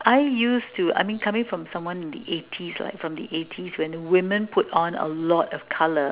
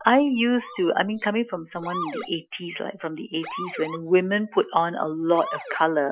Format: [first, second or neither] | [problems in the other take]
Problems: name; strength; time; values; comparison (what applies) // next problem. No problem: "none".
first | noise reduction (classical method Wiener filter)